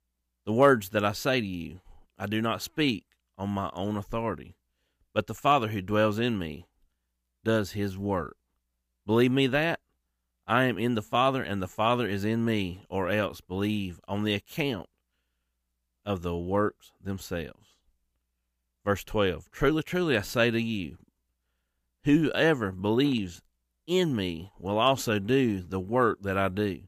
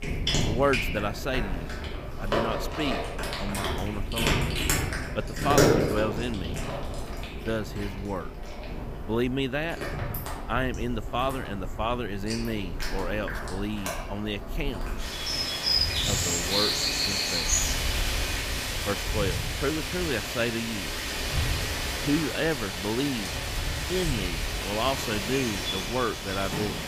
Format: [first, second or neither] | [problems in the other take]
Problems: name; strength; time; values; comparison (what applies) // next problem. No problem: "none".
first | animal sounds; very loud; throughout; 2 dB above the speech